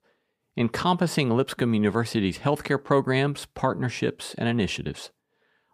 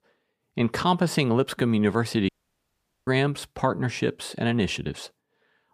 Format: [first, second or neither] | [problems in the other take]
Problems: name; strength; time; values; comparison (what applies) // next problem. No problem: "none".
first | audio cutting out; at 2.5 s for 1 s